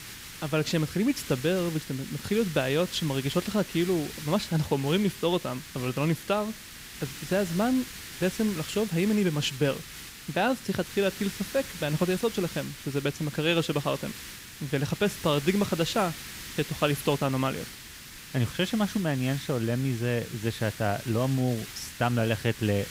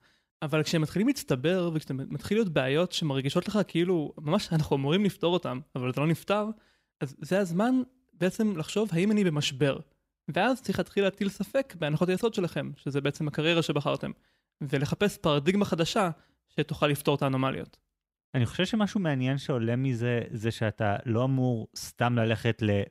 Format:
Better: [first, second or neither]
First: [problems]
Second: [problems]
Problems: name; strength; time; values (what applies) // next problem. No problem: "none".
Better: second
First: hiss; noticeable; throughout; 10 dB below the speech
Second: none